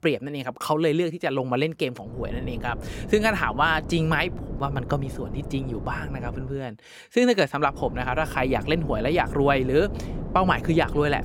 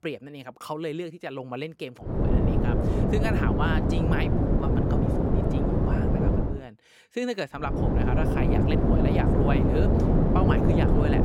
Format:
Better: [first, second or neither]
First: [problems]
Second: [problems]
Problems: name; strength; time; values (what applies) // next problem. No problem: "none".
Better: first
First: wind noise on the microphone; occasional gusts; from 2 to 6.5 s and from 7.5 s on; 15 dB below the speech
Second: wind noise on the microphone; heavy; from 2 to 6.5 s and from 7.5 s on; 3 dB above the speech